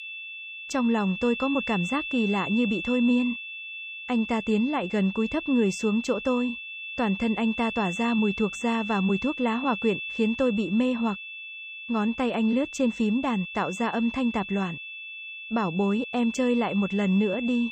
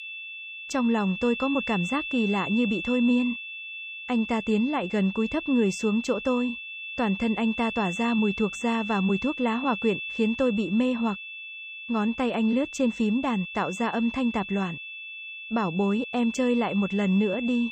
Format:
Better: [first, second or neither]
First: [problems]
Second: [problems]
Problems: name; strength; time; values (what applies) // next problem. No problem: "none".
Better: neither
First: high-pitched whine; loud; throughout; 2.5 kHz, 8 dB below the speech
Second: high-pitched whine; loud; throughout; 2.5 kHz, 8 dB below the speech